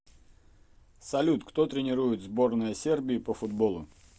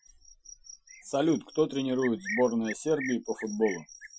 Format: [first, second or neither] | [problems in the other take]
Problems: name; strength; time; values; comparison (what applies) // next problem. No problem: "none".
first | noise reduction (classical method Wiener filter)